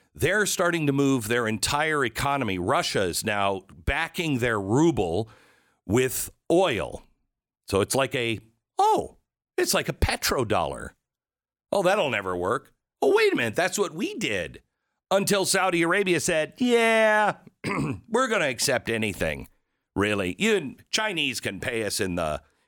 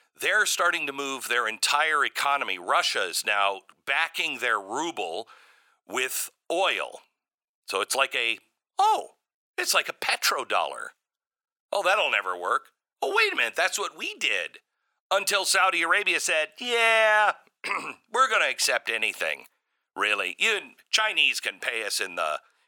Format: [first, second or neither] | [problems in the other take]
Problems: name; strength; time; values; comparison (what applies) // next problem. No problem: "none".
first | thin; very; fading below 700 Hz